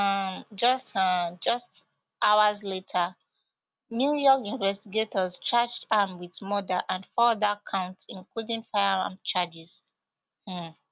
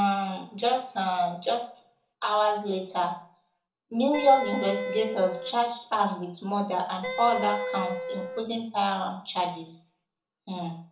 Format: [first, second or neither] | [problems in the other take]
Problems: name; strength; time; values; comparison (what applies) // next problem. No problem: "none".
first | background sound (Wind instrument, woodwind instrument); 5 dB below the speech // room echo; dies away in 0.6 s